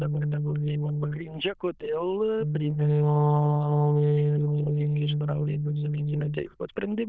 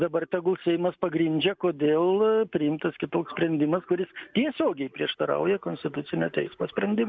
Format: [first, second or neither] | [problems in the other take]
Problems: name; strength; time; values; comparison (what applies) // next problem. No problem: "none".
second | noise reduction (neural diffusion model UNIVERSE++)